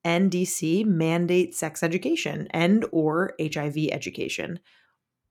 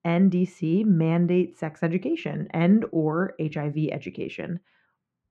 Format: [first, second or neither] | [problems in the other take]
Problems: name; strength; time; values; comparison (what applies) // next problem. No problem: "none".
first | muffled; very; fading above 2 kHz